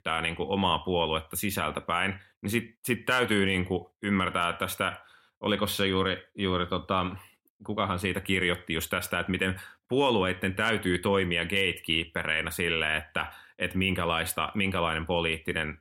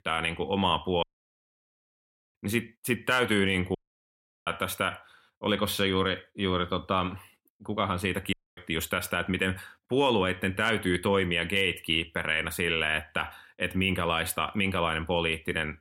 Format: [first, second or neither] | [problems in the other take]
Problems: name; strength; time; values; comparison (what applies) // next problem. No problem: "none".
first | audio cutting out; at 1 s for 1.5 s, at 4 s for 0.5 s and at 8.5 s